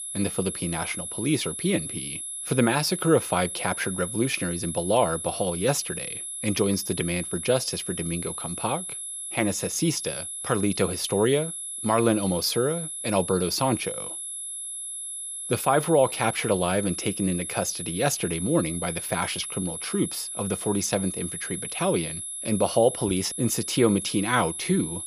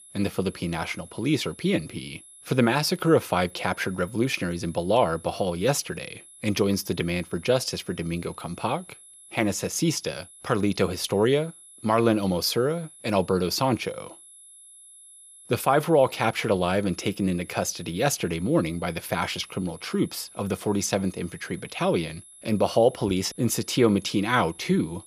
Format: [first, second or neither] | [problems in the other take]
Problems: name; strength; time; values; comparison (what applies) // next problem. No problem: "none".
second | high-pitched whine; loud; throughout; 11 kHz, 6 dB below the speech; faint in the second